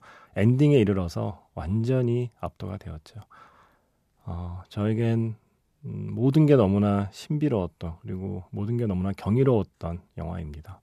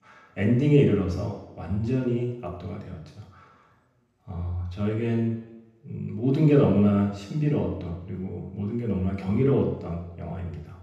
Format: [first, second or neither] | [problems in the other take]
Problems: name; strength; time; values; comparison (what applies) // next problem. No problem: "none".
first | room echo; noticeable; dies away in 0.9 s // off-mic speech; far